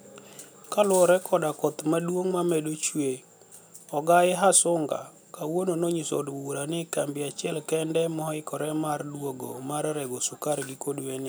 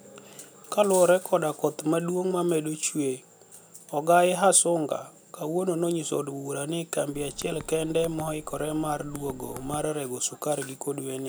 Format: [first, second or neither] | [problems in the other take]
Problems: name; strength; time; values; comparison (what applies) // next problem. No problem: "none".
first | background sound (Typing); 18 dB below the speech